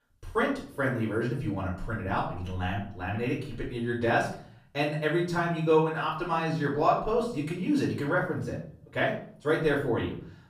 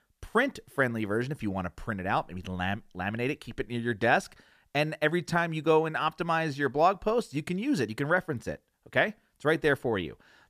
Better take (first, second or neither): second